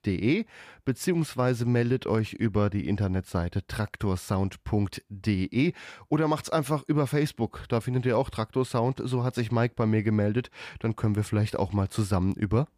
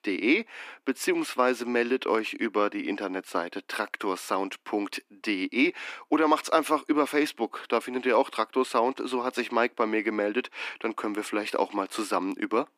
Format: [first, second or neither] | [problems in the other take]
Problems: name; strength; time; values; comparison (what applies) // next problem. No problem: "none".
first | thin; somewhat; fading below 250 Hz